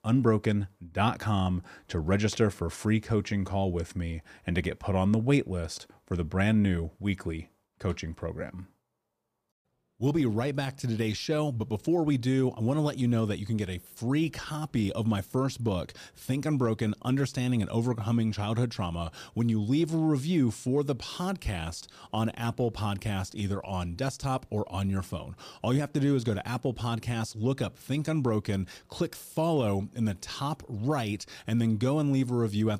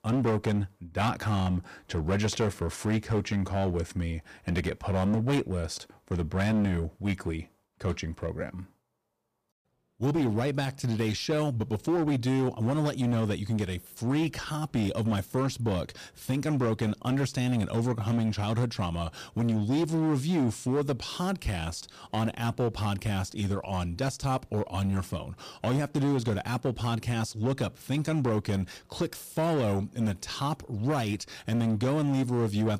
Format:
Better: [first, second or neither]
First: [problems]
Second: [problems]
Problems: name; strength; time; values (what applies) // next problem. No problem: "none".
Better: first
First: none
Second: distortion; slight; 11% of the sound clipped